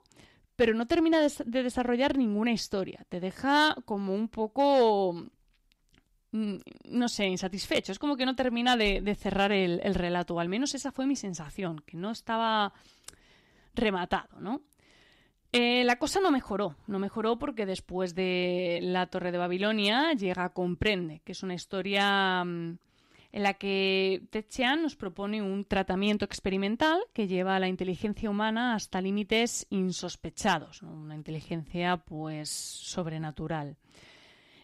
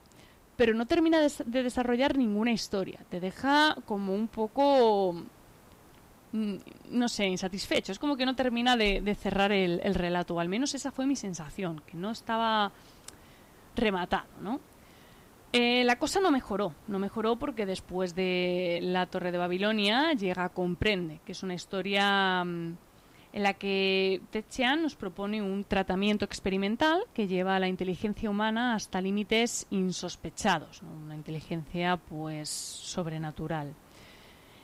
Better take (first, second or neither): first